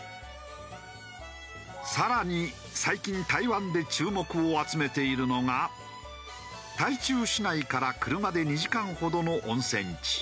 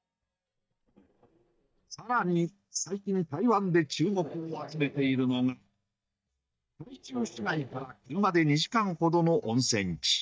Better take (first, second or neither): first